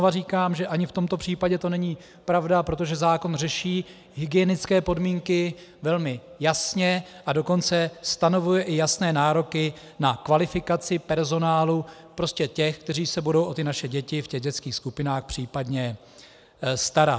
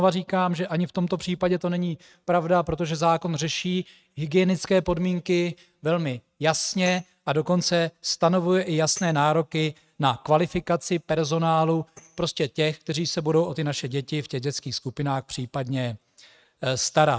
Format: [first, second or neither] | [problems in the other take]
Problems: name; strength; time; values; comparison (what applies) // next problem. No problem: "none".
first | noise reduction (neural mask model RNNoise)